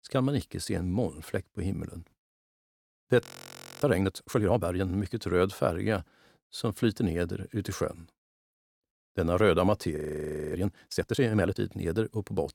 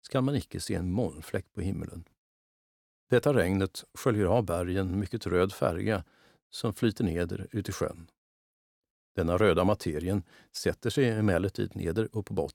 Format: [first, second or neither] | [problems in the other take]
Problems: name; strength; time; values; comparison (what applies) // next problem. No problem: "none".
second | audio freezing; at 3 s for 0.5 s and at 10 s for 0.5 s